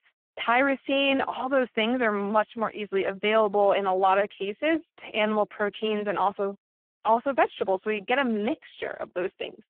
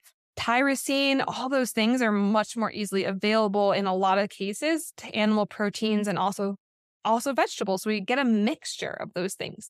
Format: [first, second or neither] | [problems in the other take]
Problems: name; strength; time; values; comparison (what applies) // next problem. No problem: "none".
second | phone-call audio; poor line